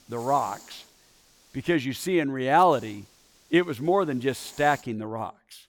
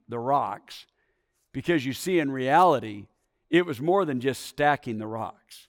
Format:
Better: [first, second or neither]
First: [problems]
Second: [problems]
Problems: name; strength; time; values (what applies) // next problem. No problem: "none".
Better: second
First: hiss; faint; until 2 s and from 2.5 to 5 s; 25 dB below the speech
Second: none